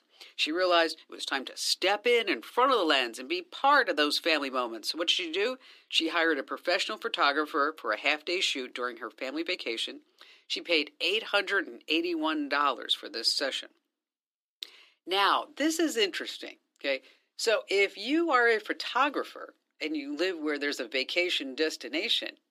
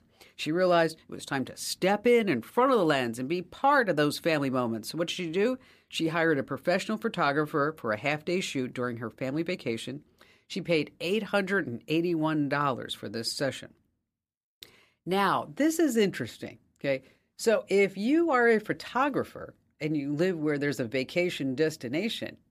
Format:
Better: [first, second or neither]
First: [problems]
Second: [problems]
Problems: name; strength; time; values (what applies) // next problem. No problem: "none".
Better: second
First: thin; somewhat; fading below 300 Hz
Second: none